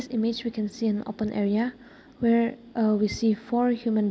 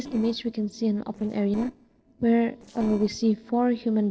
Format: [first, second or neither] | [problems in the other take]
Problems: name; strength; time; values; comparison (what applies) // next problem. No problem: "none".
first | noise reduction (neural separator model SepFormer DNS4)